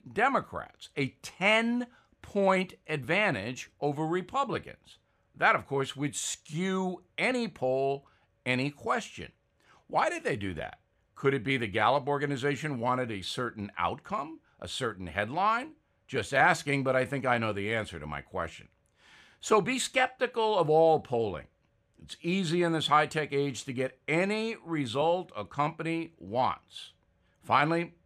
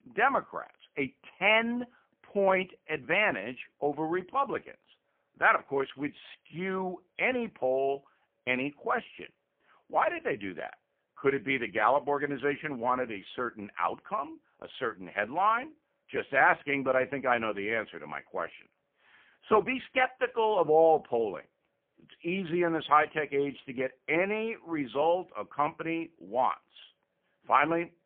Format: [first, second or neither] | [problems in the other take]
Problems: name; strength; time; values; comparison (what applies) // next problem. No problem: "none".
first | phone-call audio; poor line